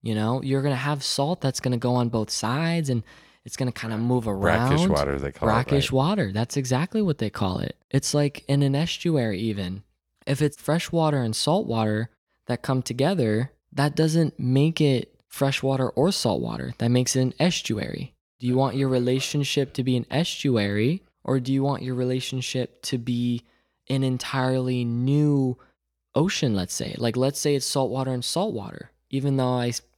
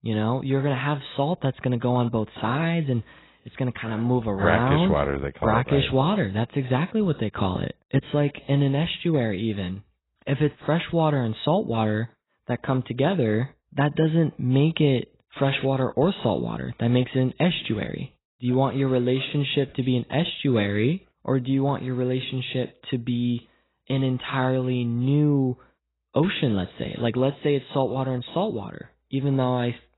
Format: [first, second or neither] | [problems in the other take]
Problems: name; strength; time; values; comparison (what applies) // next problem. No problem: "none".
first | garbled, watery; badly; nothing above 4 kHz